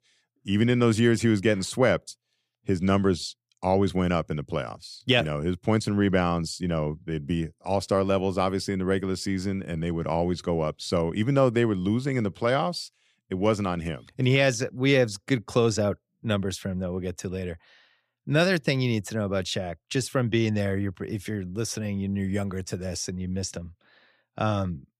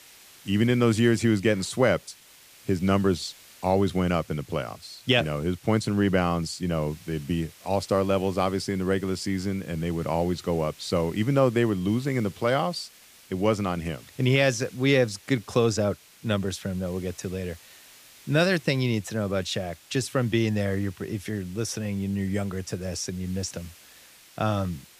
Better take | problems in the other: first | hiss; faint; throughout; 25 dB below the speech

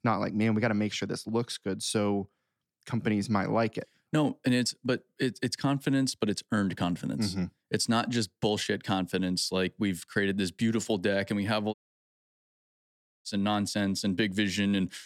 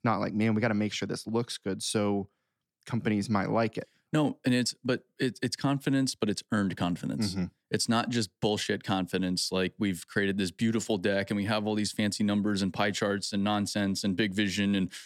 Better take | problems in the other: second | audio cutting out; at 12 s for 1.5 s

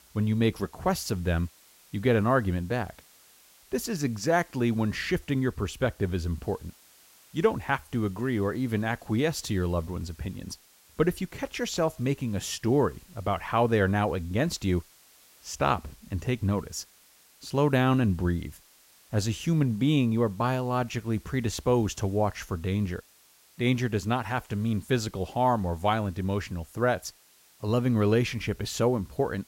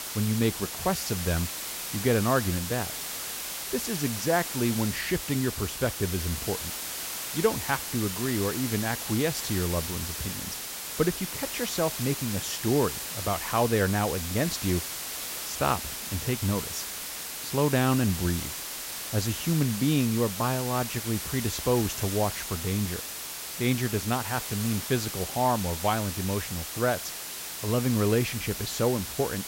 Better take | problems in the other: first | hiss; loud; throughout; 4 dB below the speech; faint in the first

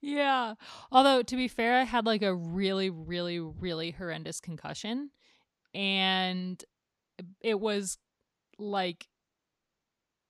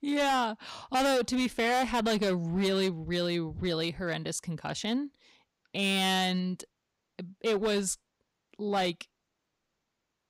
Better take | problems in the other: first | distortion; heavy; 10% of the sound clipped

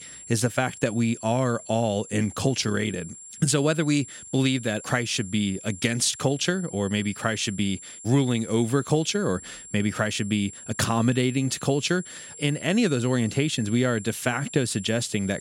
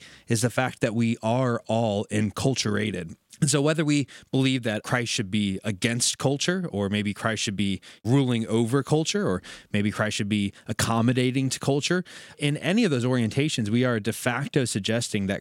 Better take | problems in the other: second | high-pitched whine; noticeable; throughout; 7.5 kHz, 15 dB below the speech

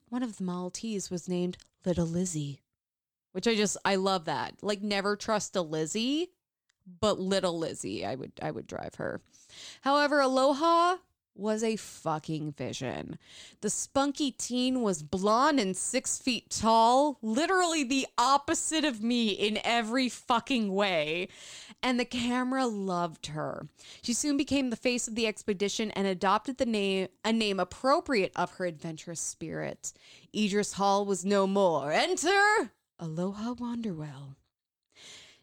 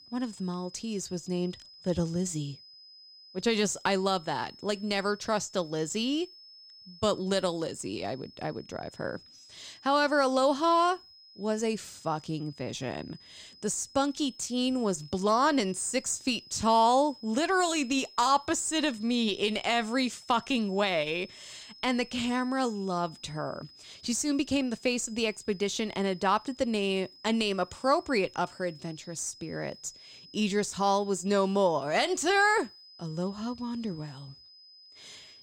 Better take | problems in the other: first | high-pitched whine; faint; throughout; 5 kHz, 20 dB below the speech

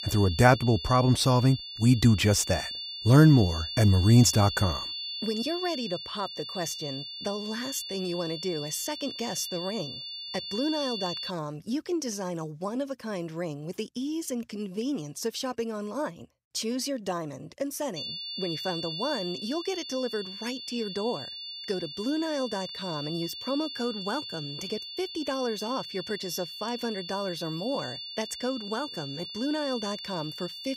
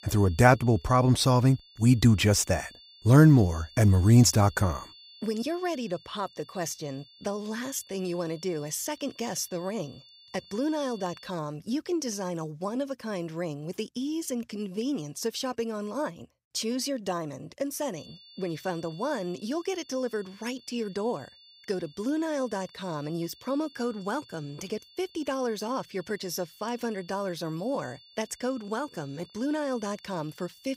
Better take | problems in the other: second | high-pitched whine; loud; until 11 s and from 18 s on; 4.5 kHz, 7 dB below the speech; faint in the second

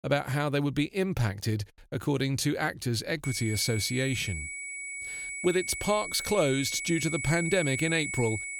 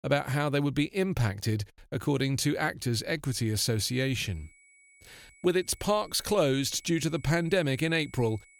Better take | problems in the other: second | high-pitched whine; loud; from 3 s on; 2 kHz, 5 dB below the speech; faint in the second

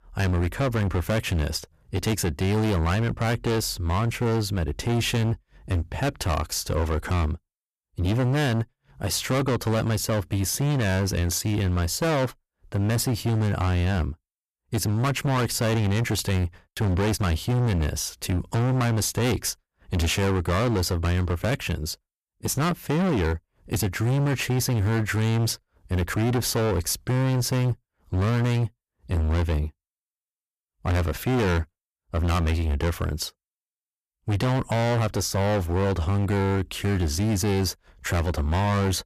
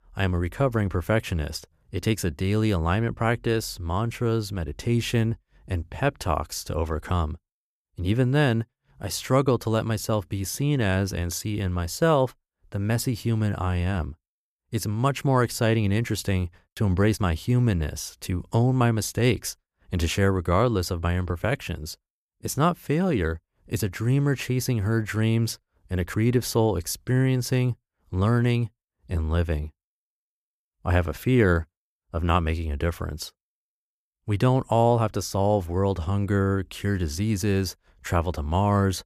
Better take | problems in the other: second | distortion; heavy; 26% of the sound clipped

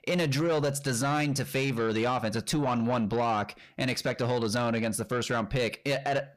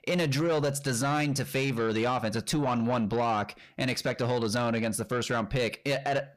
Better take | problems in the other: neither | distortion; slight; 10 dB below the speech; the same in both

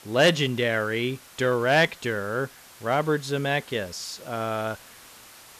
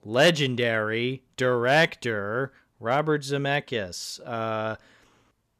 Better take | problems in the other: second | hiss; faint; throughout; 20 dB below the speech

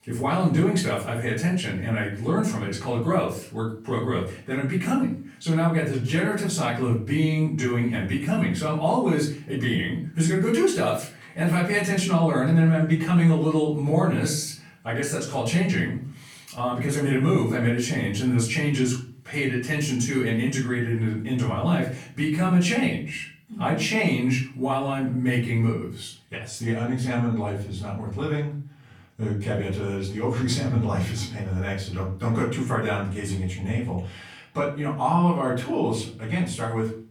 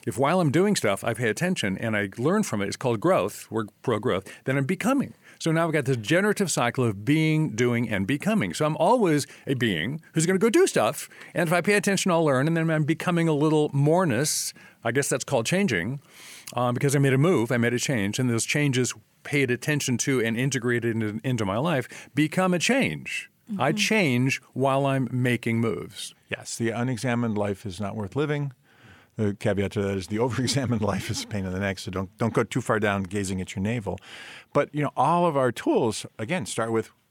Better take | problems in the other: second | off-mic speech; far // room echo; slight; dies away in 0.4 s

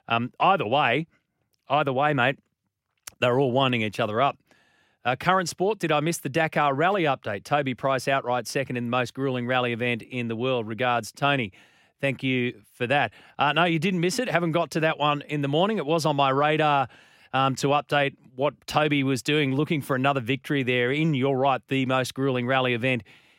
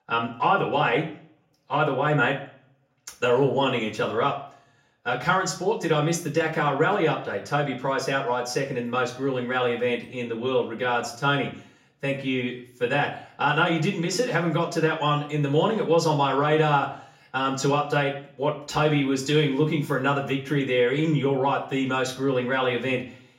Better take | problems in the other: first | room echo; slight; dies away in 0.4 s // off-mic speech; far

